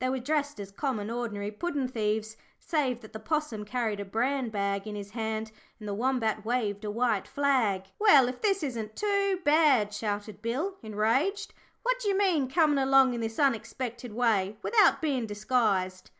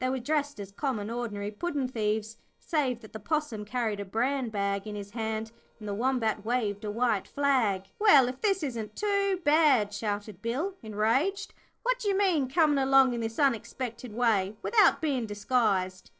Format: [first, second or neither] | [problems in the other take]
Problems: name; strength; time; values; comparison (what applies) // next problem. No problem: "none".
first | noise reduction (neural separator model SepFormer DNS4)